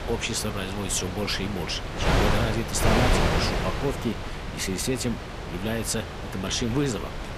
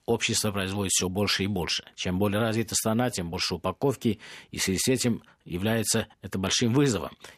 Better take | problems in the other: second | wind noise on the microphone; heavy; as loud as the speech

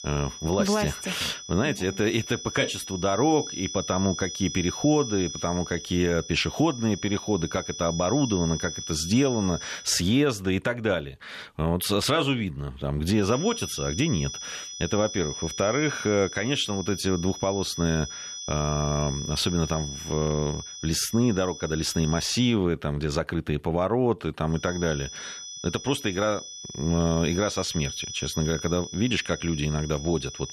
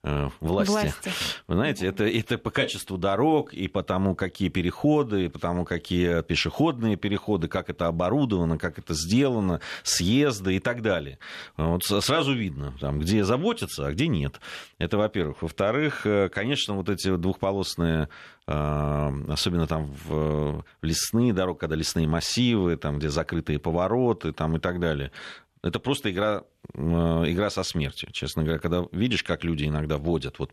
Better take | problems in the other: second | high-pitched whine; loud; until 10 s, from 13 to 22 s and from 25 s on; 6 kHz, 9 dB below the speech

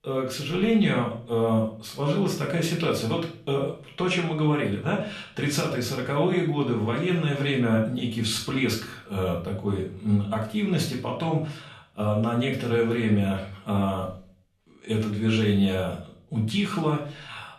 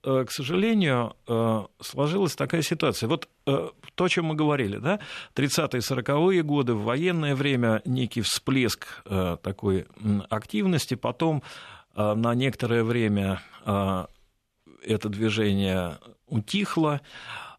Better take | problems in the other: second | room echo; slight; dies away in 0.4 s // off-mic speech; far

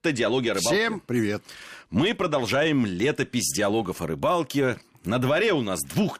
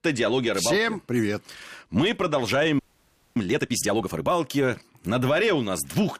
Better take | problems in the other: first | audio freezing; at 3 s for 0.5 s

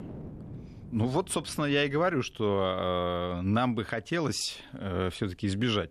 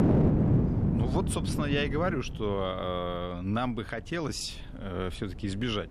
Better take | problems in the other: first | wind noise on the microphone; heavy; 2 dB below the speech; occasional gusts in the first

